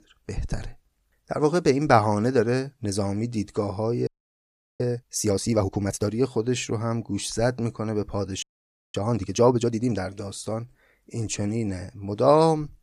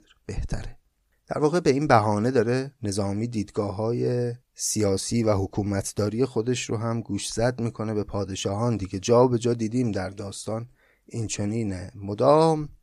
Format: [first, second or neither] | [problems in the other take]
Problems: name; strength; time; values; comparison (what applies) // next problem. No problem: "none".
second | audio freezing; at 4 s for 0.5 s and at 8.5 s for 0.5 s